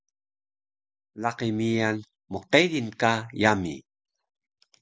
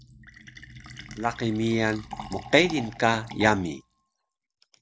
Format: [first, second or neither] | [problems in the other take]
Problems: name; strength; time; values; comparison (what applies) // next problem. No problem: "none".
first | background sound (Fill (with liquid)); 15 dB below the speech